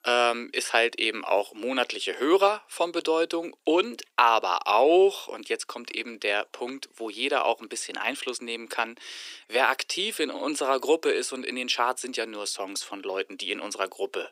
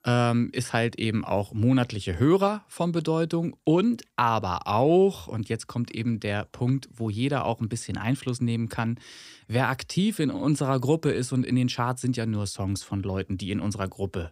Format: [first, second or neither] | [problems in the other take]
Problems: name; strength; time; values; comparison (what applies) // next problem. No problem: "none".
second | thin; very; fading below 350 Hz